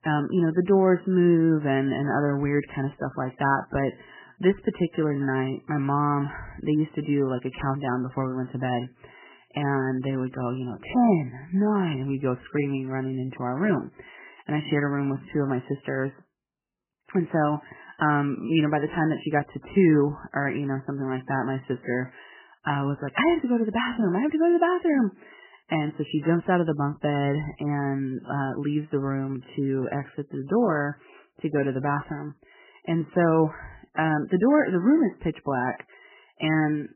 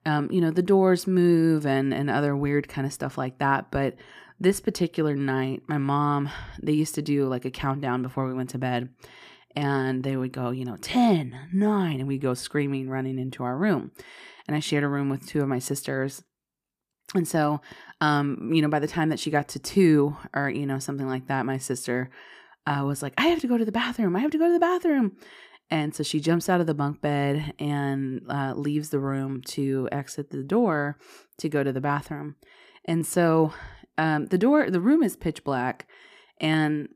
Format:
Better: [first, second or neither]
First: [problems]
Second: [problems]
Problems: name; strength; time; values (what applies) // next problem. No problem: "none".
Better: second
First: garbled, watery; badly; nothing above 3 kHz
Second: none